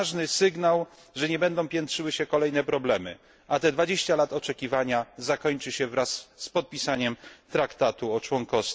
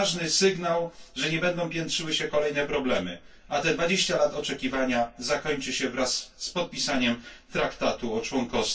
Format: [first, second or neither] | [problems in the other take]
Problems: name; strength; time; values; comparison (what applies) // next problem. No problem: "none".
first | room echo; dies away in 0.1 s